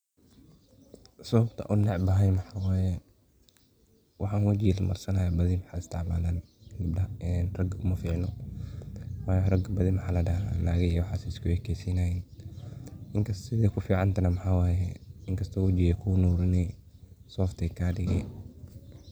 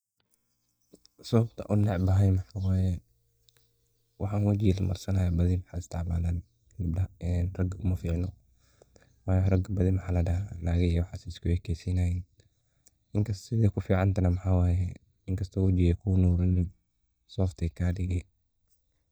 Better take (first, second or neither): first